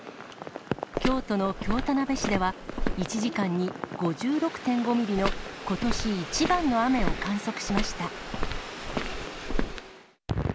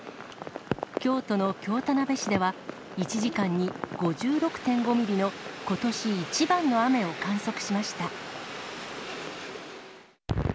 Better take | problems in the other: second | background sound (Walk, footsteps); 3 dB below the speech

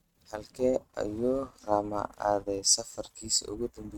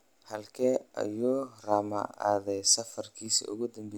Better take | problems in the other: second | noise reduction (neural mask model RNNoise)

